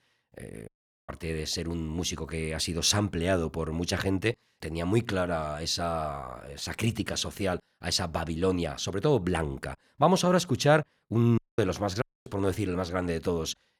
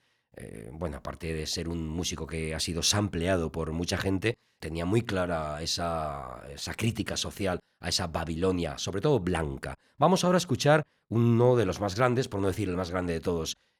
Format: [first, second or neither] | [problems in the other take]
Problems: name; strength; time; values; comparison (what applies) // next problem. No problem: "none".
second | audio cutting out; at 0.5 s, at 11 s and at 12 s